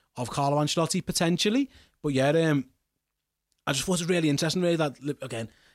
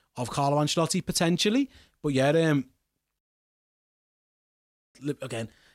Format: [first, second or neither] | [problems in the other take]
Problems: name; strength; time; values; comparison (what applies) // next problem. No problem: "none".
first | audio cutting out; at 3 s for 2 s